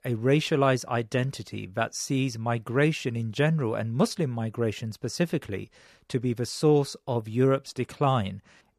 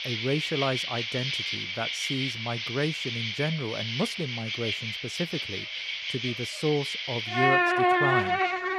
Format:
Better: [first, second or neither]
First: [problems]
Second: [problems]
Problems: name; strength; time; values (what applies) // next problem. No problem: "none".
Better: first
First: none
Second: animal sounds; very loud; throughout; 4 dB above the speech